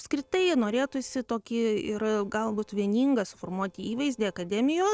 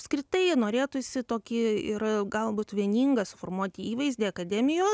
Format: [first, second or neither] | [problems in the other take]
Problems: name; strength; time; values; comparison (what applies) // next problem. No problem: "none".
second | noise reduction (neural separator model SepFormer DNS4)